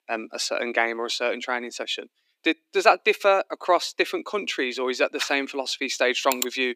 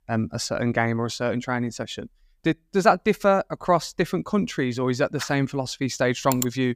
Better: second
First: thin; somewhat; fading below 300 Hz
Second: none

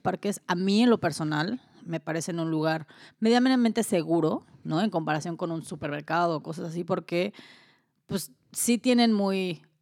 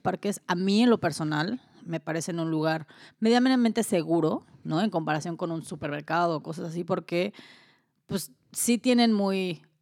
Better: neither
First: none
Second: none

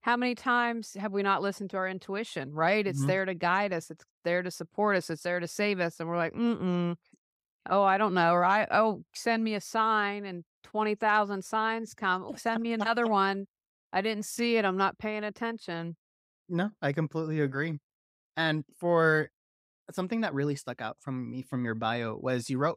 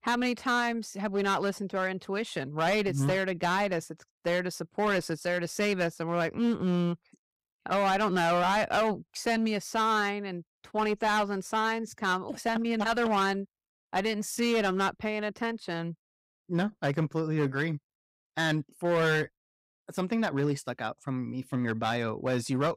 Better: first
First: none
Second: distortion; slight; 11% of the sound clipped

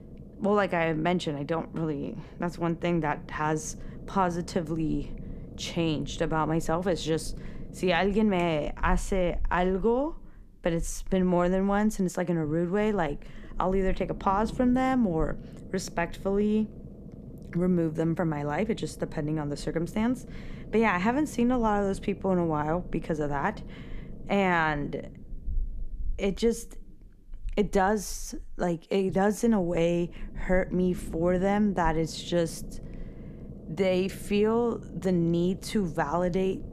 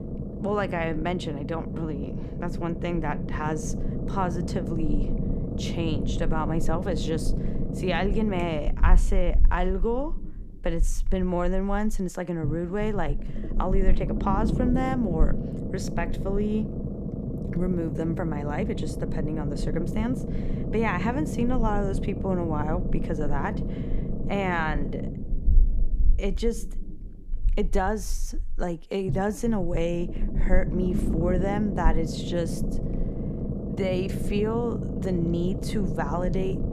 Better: first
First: low rumble; faint; throughout; 20 dB below the speech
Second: low rumble; loud; throughout; 7 dB below the speech

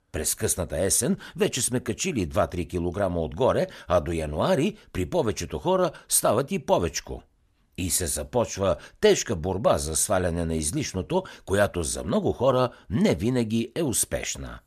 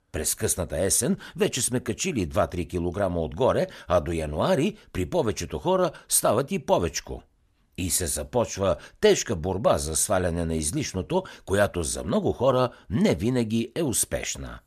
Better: neither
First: none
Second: none

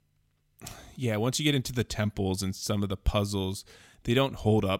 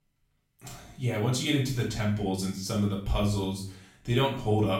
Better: first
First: none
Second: off-mic speech; far // room echo; noticeable; dies away in 0.5 s

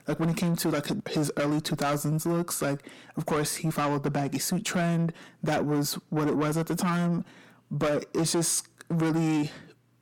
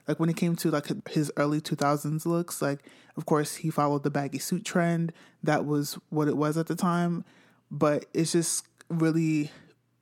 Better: second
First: distortion; heavy; 7 dB below the speech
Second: none

